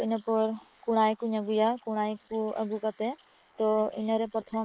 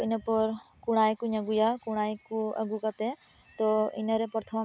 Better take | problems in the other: second | noise reduction (neural mask model Resemble Enhance denoiser)

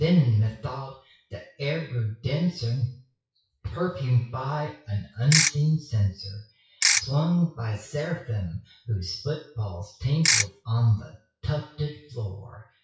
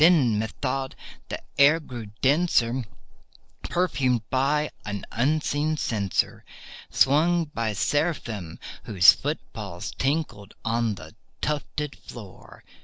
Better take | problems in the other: second | noise reduction (classical method WPE with log-MMSE)

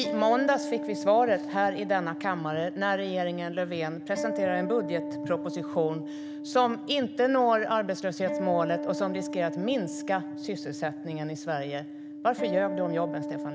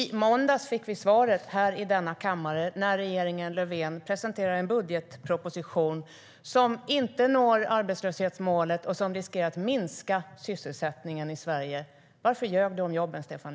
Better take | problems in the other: second | background sound (Acoustic guitar); 7 dB below the speech

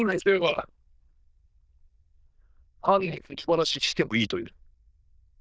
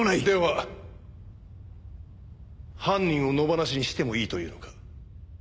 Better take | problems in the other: second | noise reduction (neural diffusion model UNIVERSE++)

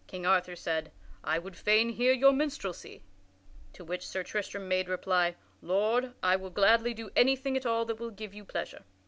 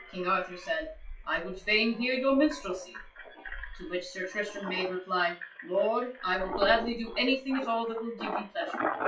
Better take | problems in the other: first | noise reduction (classical method WPE with log-MMSE)

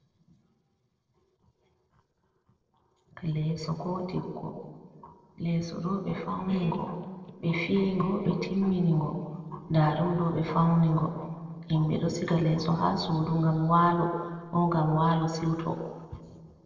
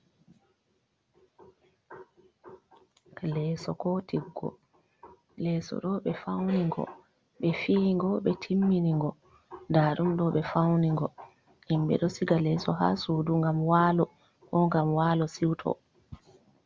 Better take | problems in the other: second | noise reduction (neural separator model SepFormer DNS4)

